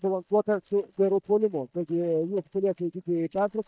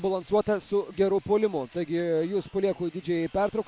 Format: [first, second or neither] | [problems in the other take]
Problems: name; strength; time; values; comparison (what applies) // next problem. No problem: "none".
second | noise reduction (neural mask model DeepFilterNet 3)